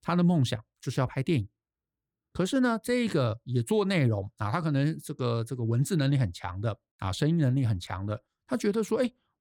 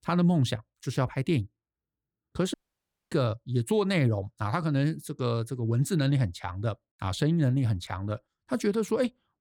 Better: first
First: none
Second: audio cutting out; at 2.5 s for 0.5 s

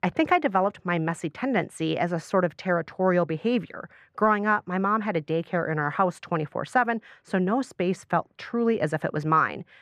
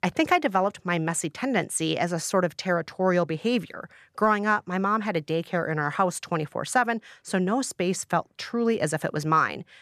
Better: second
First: muffled; slightly; fading above 4 kHz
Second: none

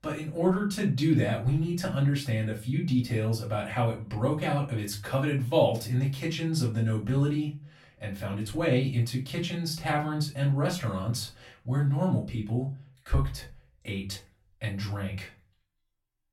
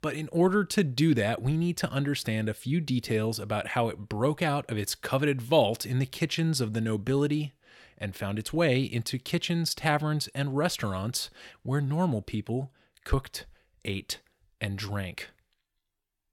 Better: second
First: off-mic speech; far // room echo; slight; dies away in 0.3 s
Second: none

